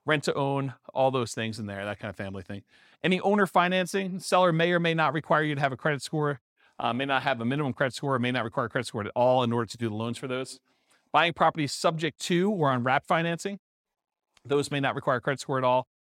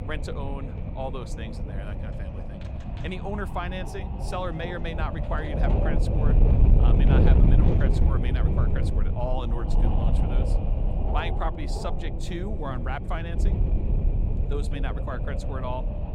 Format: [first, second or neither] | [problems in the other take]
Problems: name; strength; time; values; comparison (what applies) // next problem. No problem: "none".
first | wind noise on the microphone; heavy; 2 dB below the speech